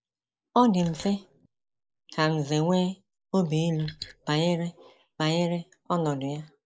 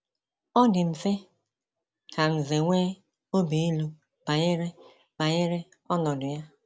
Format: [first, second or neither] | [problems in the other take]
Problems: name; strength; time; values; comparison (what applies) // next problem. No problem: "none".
second | noise reduction (neural mask model Resemble Enhance denoiser)